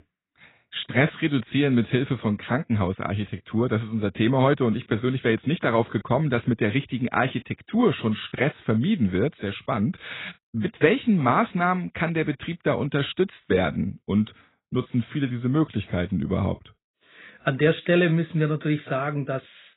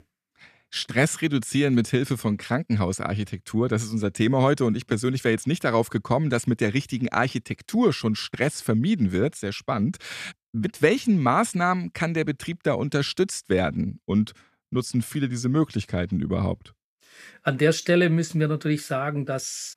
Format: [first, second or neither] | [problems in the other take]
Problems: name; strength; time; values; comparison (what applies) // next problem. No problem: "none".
second | garbled, watery; badly; nothing above 4 kHz